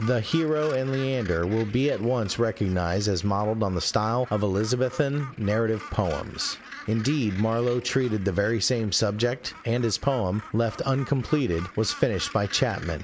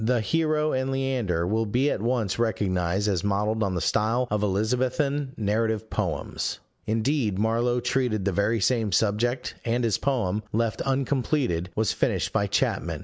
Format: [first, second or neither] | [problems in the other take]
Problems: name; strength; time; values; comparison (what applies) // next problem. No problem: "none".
second | background sound (Gull, seagull); 18 dB below the speech